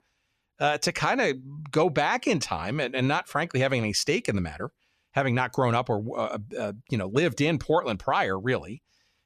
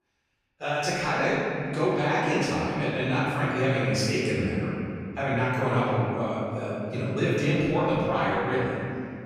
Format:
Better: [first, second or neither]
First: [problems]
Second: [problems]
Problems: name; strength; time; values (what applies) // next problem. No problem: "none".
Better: first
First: none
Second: off-mic speech; far // room echo; strong; dies away in 2.5 s